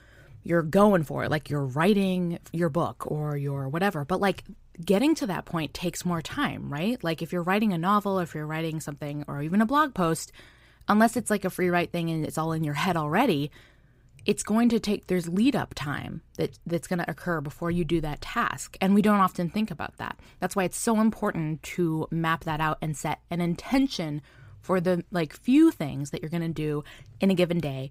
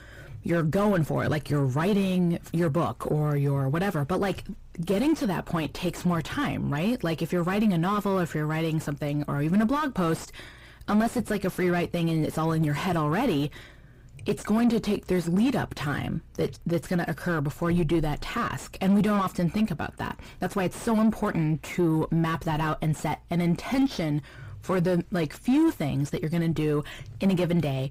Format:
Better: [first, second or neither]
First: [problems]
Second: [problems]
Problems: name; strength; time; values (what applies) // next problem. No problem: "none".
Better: first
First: none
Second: distortion; heavy; 6 dB below the speech